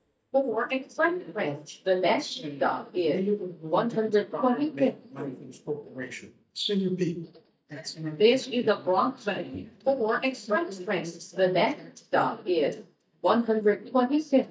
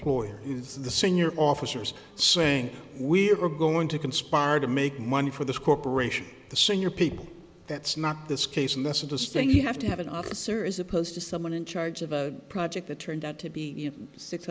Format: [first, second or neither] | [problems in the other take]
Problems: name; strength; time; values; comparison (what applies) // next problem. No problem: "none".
second | noise reduction (neural mask model DeepFilterNet 3)